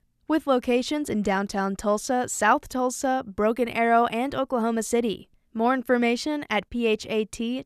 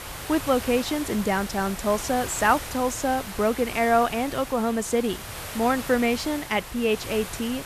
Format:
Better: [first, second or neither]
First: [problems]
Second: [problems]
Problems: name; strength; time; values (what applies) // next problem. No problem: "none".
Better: first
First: none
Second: hiss; noticeable; throughout; 10 dB below the speech